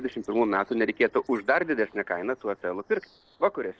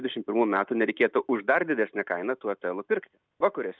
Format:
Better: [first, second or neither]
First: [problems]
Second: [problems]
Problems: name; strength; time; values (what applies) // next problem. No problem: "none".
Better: second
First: noise reduction (neural separator model SepFormer DNS4)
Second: none